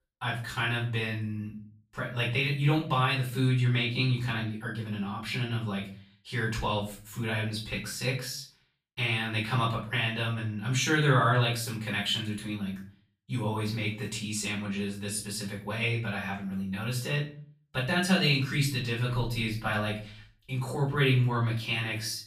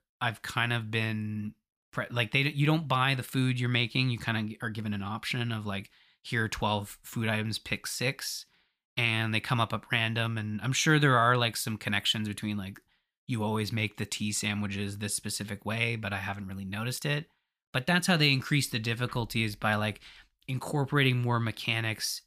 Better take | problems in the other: second | room echo; slight; dies away in 0.4 s // off-mic speech; far

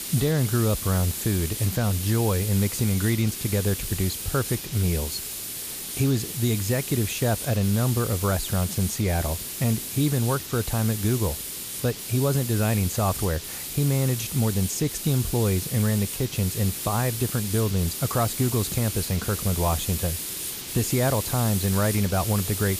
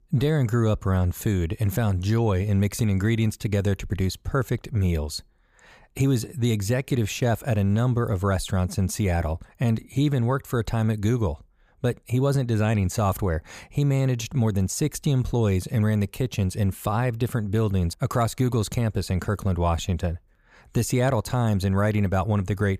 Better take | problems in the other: second | hiss; loud; throughout; 5 dB below the speech

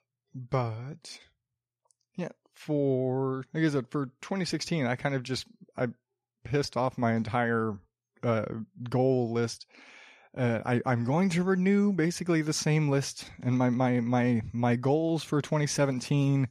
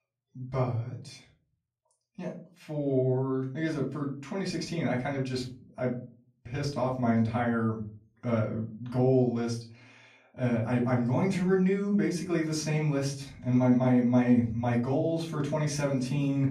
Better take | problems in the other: first | off-mic speech; far // room echo; slight; dies away in 0.4 s

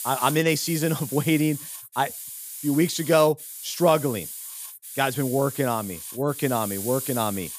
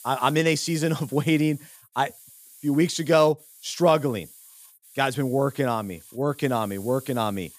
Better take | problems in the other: second | hiss; loud; throughout; 9 dB below the speech; faint in the second

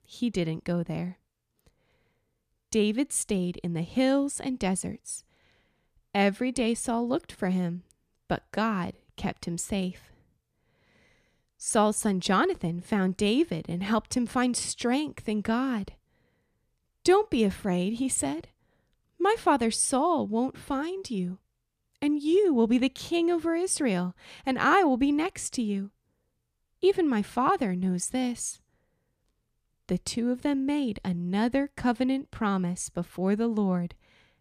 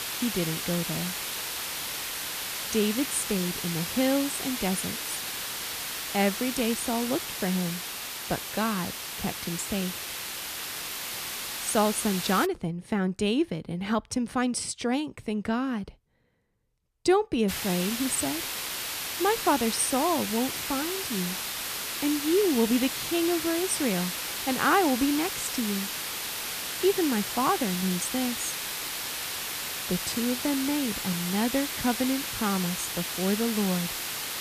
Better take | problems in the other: first | hiss; loud; until 12 s and from 17 s on; 3 dB below the speech

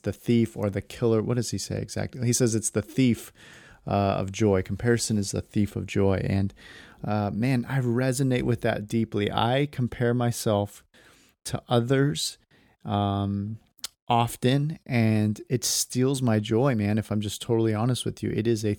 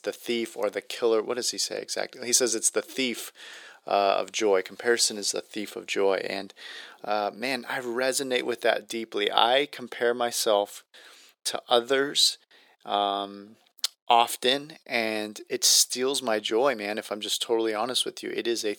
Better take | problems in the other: first | thin; very; fading below 450 Hz

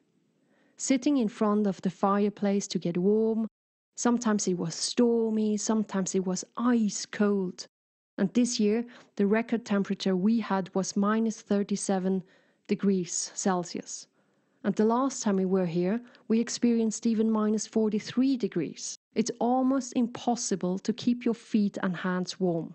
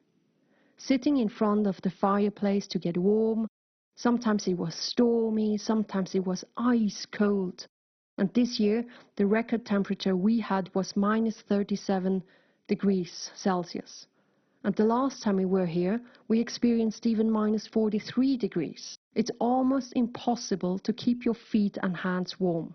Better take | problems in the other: first | garbled, watery; badly; nothing above 6 kHz; slightly in the first

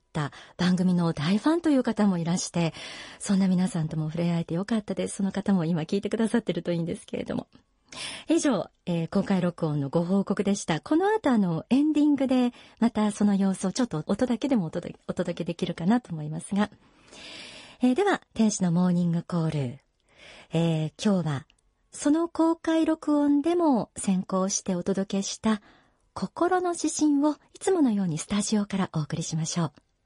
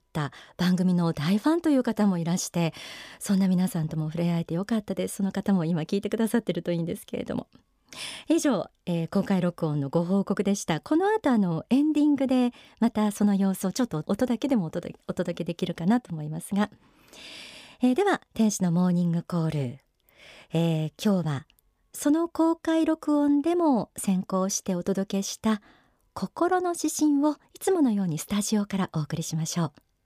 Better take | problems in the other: second | garbled, watery; slightly; nothing above 10.5 kHz

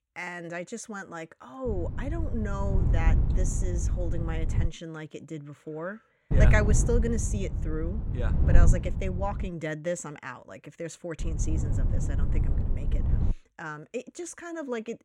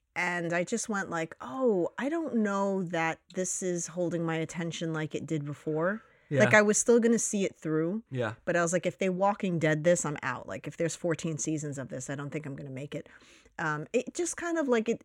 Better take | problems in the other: second | wind noise on the microphone; heavy; from 1.5 to 4.5 s, from 6.5 to 9.5 s and from 11 to 13 s; 7 dB below the speech

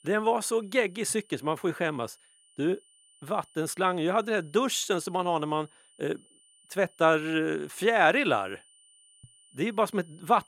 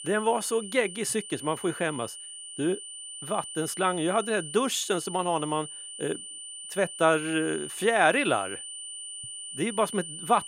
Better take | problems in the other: first | high-pitched whine; loud; throughout; 9 kHz, 10 dB below the speech; faint in the first

